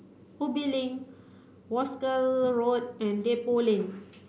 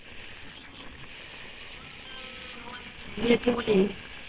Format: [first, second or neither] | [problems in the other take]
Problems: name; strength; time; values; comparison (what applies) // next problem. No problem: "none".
first | noise reduction (neural separator model SepFormer WHAMR!)